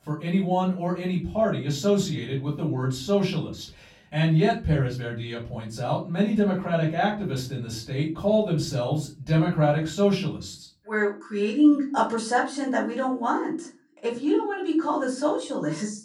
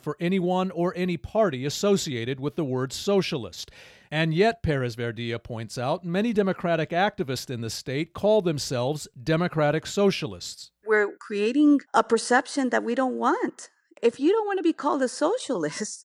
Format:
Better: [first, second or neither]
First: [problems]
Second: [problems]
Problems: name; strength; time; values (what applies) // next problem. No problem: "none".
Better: second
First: off-mic speech; far // room echo; slight; dies away in 0.3 s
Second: none